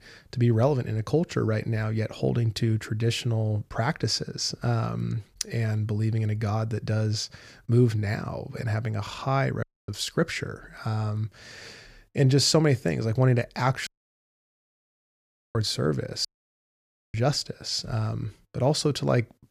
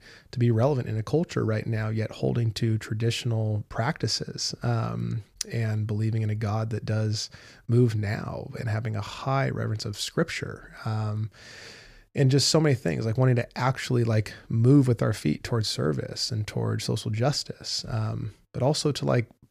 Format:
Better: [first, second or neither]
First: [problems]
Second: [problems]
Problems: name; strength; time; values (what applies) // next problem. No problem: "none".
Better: second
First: audio cutting out; at 9.5 s, at 14 s for 1.5 s and at 16 s for 1 s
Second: none